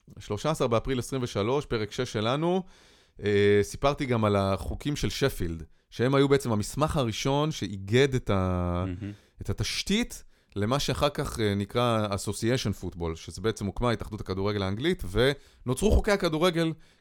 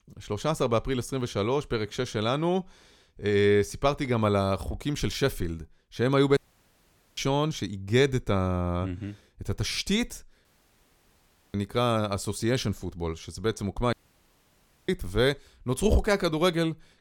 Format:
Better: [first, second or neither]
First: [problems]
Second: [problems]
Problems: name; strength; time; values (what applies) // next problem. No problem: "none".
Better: first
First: none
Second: audio cutting out; at 6.5 s for 1 s, at 10 s for 1 s and at 14 s for 1 s